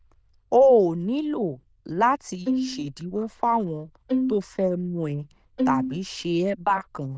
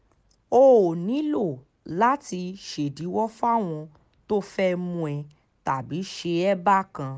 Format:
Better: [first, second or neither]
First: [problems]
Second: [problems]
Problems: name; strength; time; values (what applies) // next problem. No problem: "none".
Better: second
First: noise reduction (neural diffusion model UNIVERSE++)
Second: none